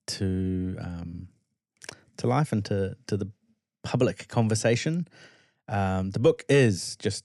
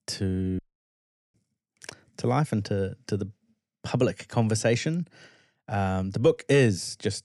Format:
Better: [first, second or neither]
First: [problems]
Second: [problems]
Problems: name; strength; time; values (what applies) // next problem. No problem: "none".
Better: first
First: none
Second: audio cutting out; at 0.5 s for 1 s